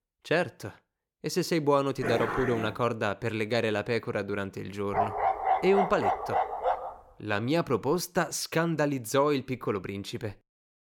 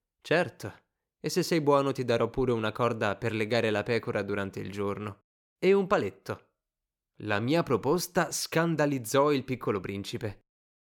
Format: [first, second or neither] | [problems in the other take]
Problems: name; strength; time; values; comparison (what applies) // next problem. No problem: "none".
second | dog barking; noticeable; at 2 s; peak 2 dB below the speech // dog barking; loud; from 5 to 7 s; peak 2 dB above the speech